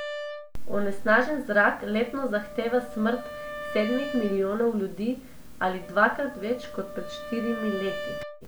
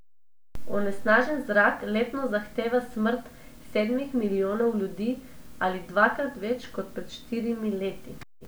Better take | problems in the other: second | background sound (Wind instrument, woodwind instrument); 12 dB below the speech

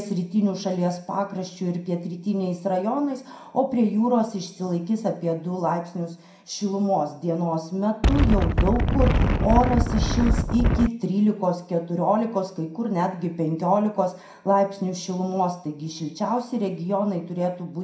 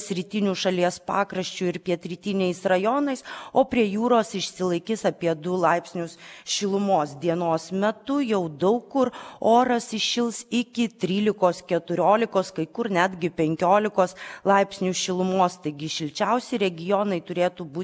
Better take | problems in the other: second | background sound (Wind); 4 dB above the speech // room echo; dies away in 0.5 s

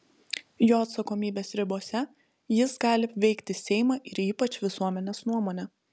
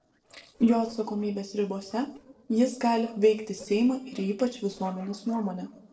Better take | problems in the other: first | noise reduction (neural separator model SepFormer DNS4)

